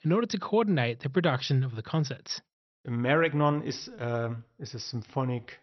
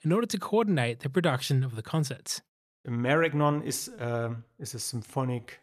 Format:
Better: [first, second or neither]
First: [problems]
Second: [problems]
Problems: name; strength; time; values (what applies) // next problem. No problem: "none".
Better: second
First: garbled, watery; slightly; nothing above 6 kHz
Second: none